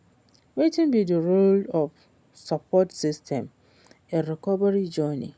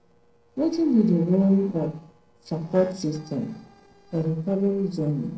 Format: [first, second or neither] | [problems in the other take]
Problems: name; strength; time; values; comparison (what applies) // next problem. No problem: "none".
first | noise reduction (neural separator model SepFormer DNS4)